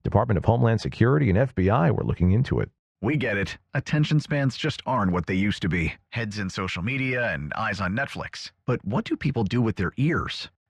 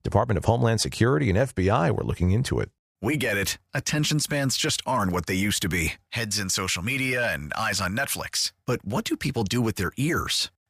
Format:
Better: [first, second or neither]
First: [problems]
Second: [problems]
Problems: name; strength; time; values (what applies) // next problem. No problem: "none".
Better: second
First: muffled; slightly; fading above 2.5 kHz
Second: none